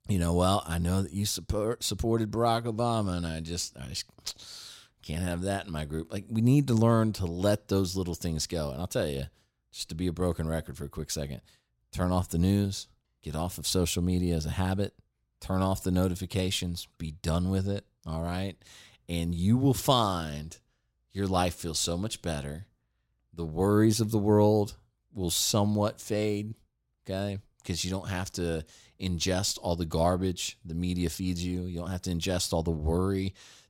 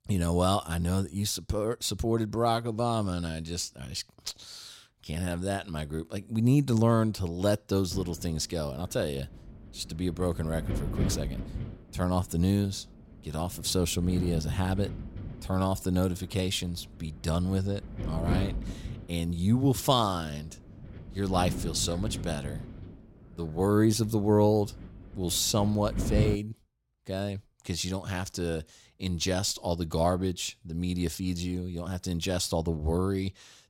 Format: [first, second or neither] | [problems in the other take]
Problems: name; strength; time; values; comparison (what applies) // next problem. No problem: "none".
first | wind noise on the microphone; occasional gusts; from 8 to 26 s; 15 dB below the speech